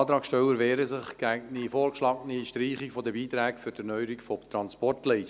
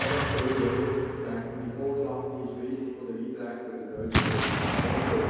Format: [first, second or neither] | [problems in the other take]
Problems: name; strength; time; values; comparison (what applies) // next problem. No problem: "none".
first | background sound (Explosion); as loud as the speech // room echo; dies away in 2.2 s